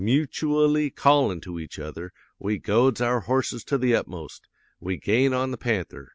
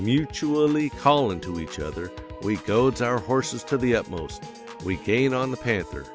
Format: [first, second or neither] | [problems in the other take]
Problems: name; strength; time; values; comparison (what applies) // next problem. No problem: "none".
first | background sound (Piano / Organ); 15 dB below the speech